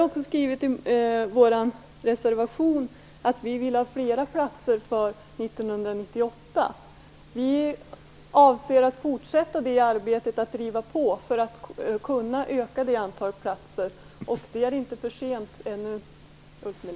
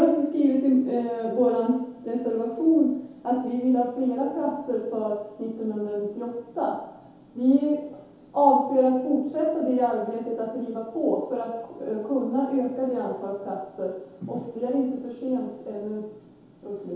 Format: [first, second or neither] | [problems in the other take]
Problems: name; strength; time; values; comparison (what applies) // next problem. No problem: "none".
first | room echo; dies away in 0.8 s